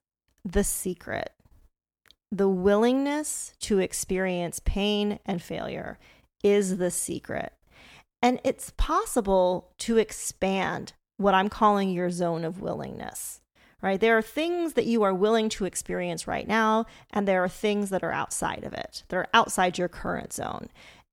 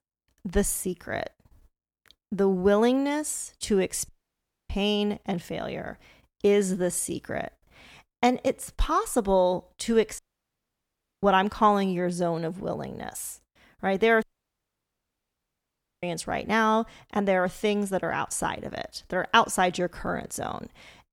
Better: first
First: none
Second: audio cutting out; at 4 s for 0.5 s, at 10 s for 1 s and at 14 s for 2 s

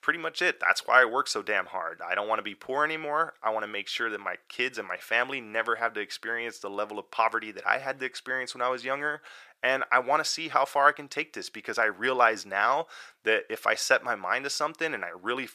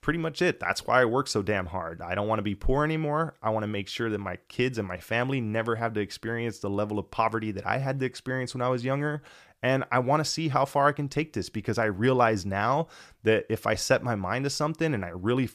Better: second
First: thin; very; fading below 500 Hz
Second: none

